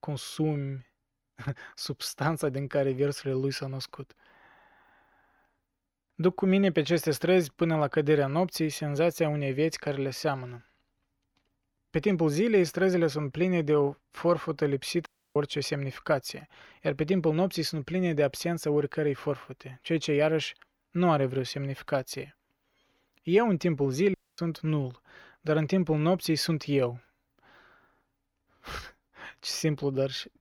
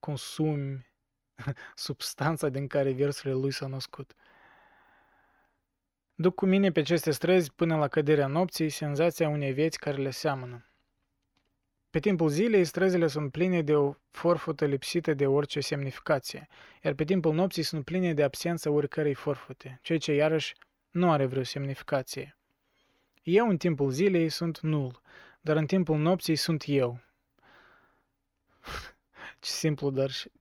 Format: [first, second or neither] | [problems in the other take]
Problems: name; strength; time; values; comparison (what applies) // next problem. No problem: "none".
second | audio cutting out; at 15 s and at 24 s